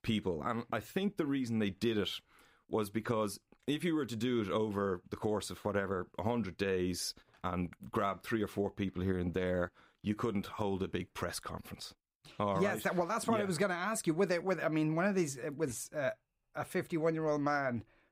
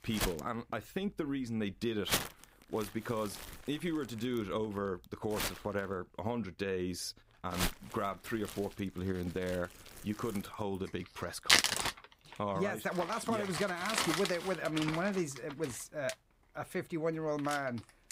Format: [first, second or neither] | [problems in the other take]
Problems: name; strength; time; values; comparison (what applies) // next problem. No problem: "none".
first | household noises; very loud; throughout; 2 dB above the speech